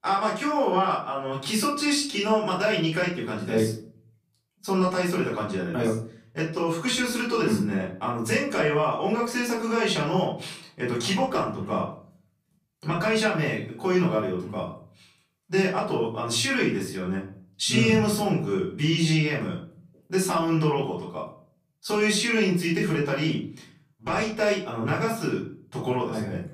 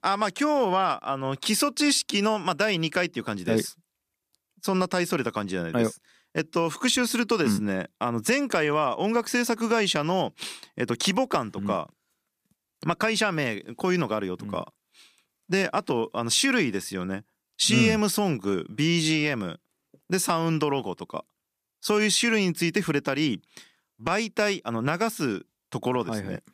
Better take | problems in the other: second | off-mic speech; far // room echo; slight; dies away in 0.5 s

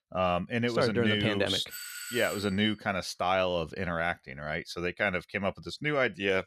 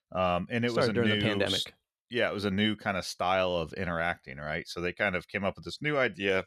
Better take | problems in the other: second | doorbell; noticeable; at 1.5 s; peak 8 dB below the speech

